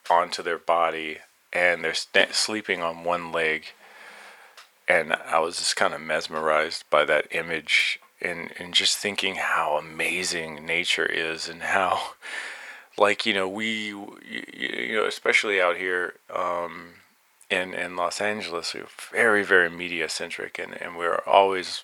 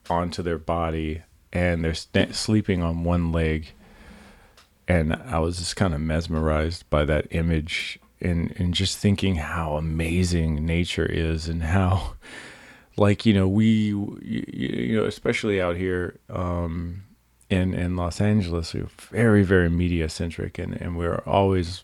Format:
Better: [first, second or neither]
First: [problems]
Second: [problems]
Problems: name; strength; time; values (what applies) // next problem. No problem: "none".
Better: second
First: thin; very; fading below 700 Hz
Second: none